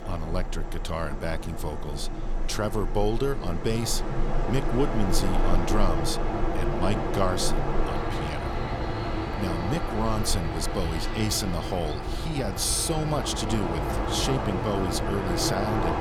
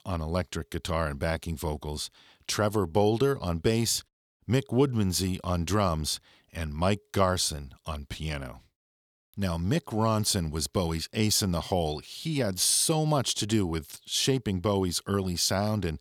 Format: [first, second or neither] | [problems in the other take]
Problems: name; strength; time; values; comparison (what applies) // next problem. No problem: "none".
second | train or aircraft noise; loud; throughout; 1 dB below the speech